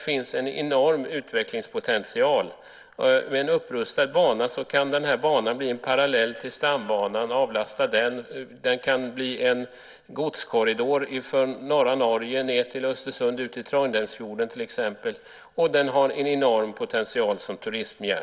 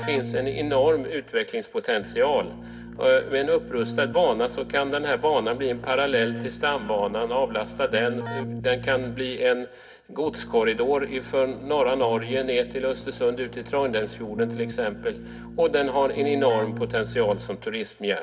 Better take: first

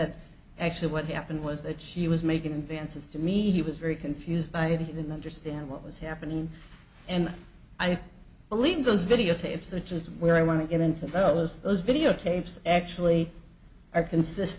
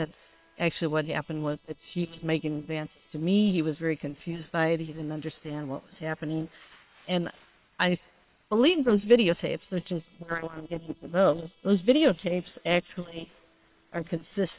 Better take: first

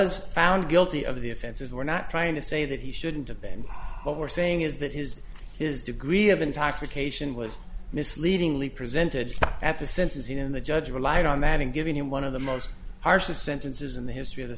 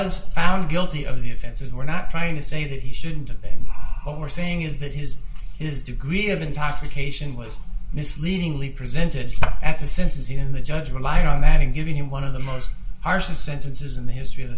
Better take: first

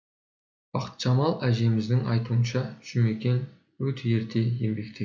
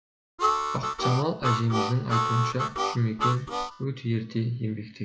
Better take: first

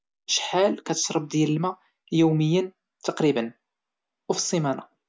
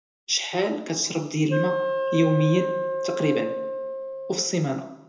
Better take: first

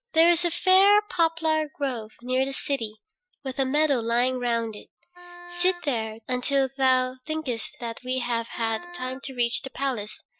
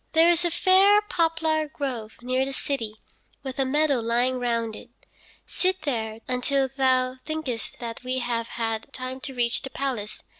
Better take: second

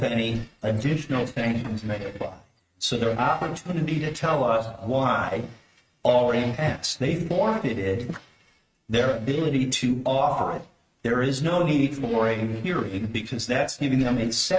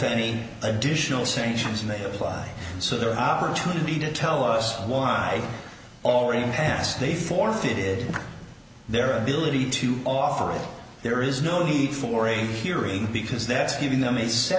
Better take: second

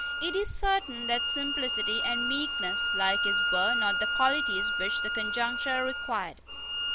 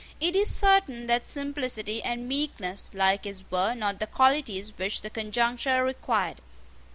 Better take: second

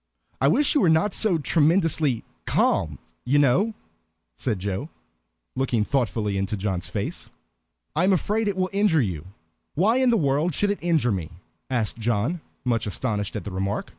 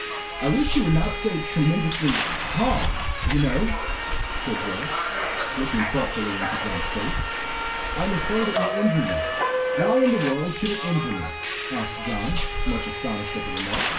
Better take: first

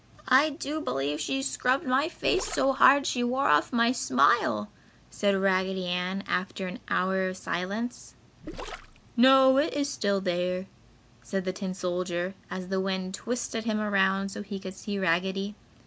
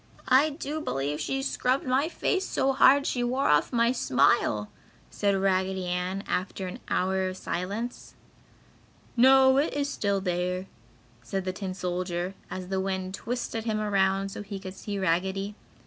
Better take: second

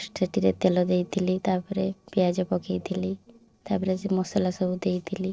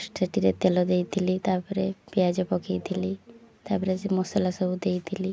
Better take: second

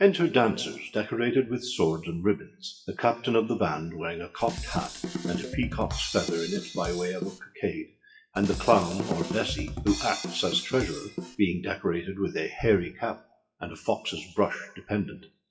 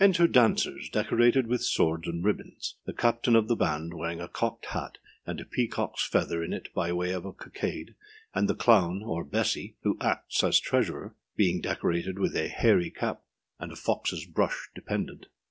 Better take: second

